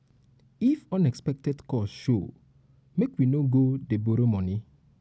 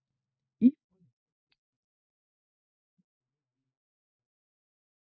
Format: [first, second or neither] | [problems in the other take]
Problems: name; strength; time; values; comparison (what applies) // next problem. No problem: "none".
first | noise reduction (neural mask model DeepFilterNet 3)